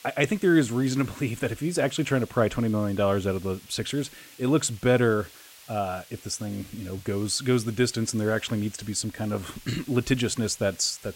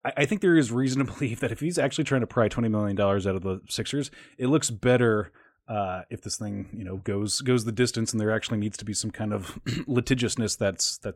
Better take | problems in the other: second | hiss; faint; throughout; 20 dB below the speech

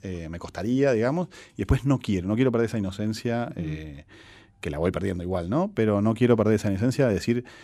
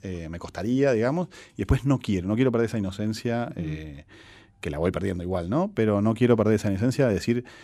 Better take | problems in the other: neither | none

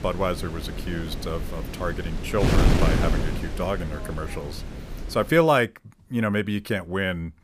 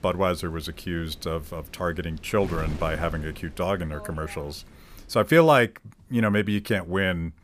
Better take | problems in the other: second | wind noise on the microphone; heavy; until 5.5 s; 7 dB below the speech; occasional gusts in the second

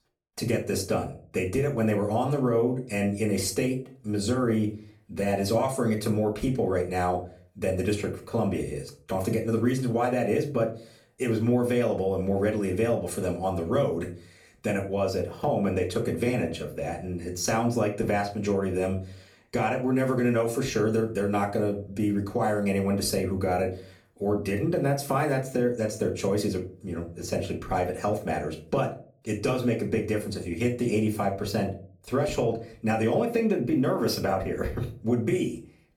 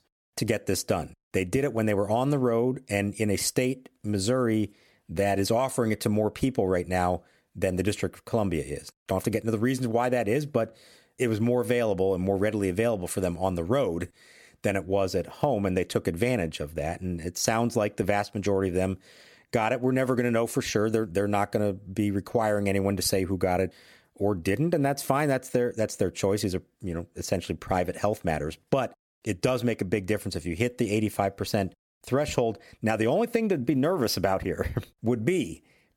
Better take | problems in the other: second | off-mic speech; far // room echo; very slight; dies away in 0.3 s

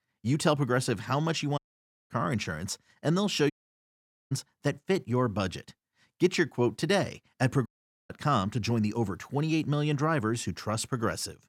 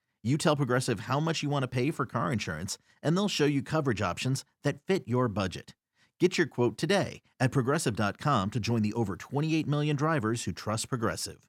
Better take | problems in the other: second | audio cutting out; at 1.5 s for 0.5 s, at 3.5 s for 1 s and at 7.5 s

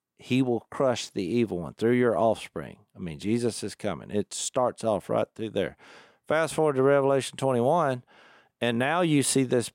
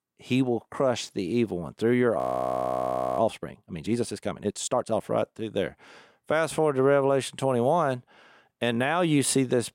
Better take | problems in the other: first | audio freezing; at 2 s for 1 s

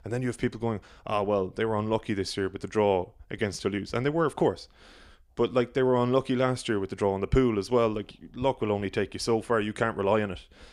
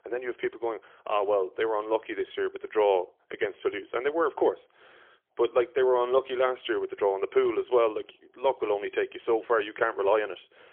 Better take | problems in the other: first | phone-call audio; poor line; nothing above 3.5 kHz

